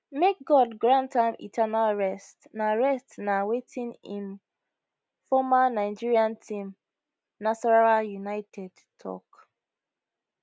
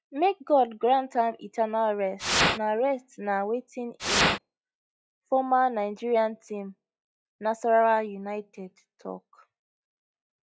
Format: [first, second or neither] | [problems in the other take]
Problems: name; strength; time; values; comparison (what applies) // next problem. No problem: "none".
first | noise reduction (classical method log-MMSE)